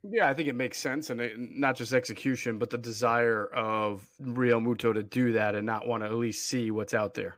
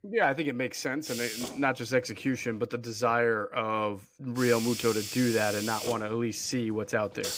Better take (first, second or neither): first